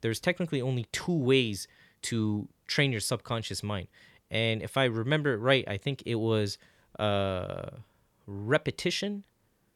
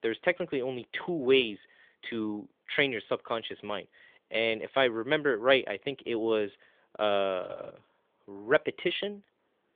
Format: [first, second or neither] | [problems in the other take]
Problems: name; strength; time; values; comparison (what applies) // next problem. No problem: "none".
first | phone-call audio; nothing above 3.5 kHz